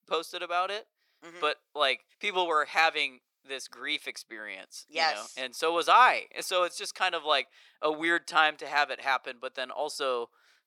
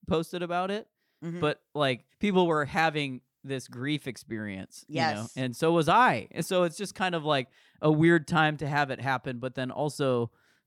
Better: second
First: thin; very; fading below 500 Hz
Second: none

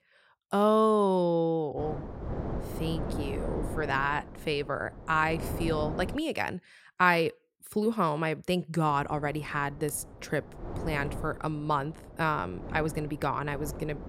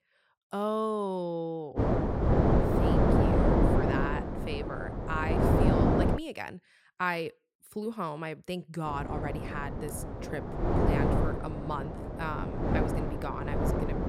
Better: first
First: wind noise on the microphone; occasional gusts; from 2 to 6 s and from 9 s on; 15 dB below the speech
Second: wind noise on the microphone; heavy; from 2 to 6 s and from 9 s on; 3 dB above the speech

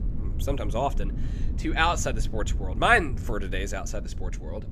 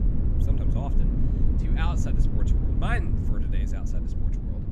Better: first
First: low rumble; faint; throughout; 20 dB below the speech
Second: low rumble; loud; throughout; 2 dB below the speech

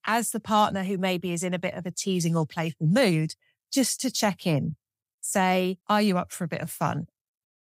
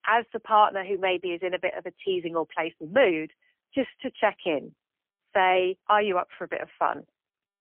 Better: first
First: none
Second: phone-call audio; poor line; nothing above 3 kHz

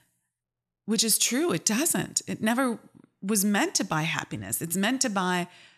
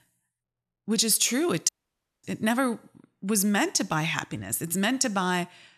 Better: first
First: none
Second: audio cutting out; at 1.5 s for 0.5 s

